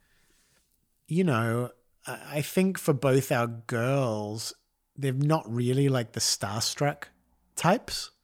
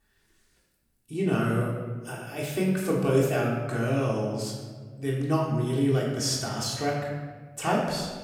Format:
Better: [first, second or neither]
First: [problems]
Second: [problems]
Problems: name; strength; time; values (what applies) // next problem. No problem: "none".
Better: first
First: none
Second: off-mic speech; far // room echo; noticeable; dies away in 1.2 s